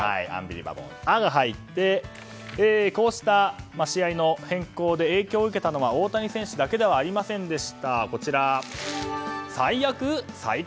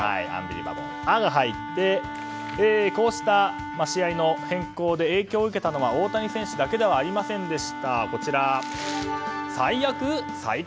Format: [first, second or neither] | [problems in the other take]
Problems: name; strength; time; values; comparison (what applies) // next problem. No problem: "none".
first | background sound (Wind instrument, woodwind instrument); 9 dB below the speech